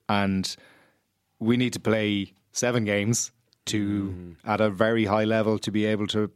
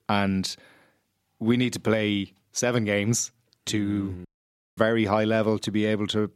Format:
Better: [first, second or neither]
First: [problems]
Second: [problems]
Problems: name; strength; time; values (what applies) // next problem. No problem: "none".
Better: first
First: none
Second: audio cutting out; at 4.5 s for 0.5 s